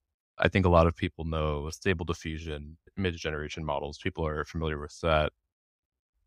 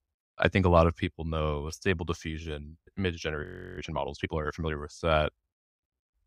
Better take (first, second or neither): first